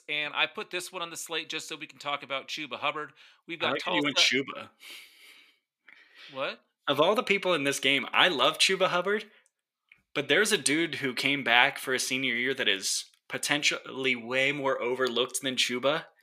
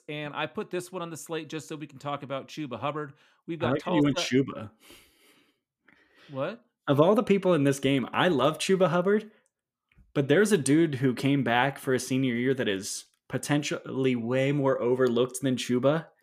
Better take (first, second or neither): second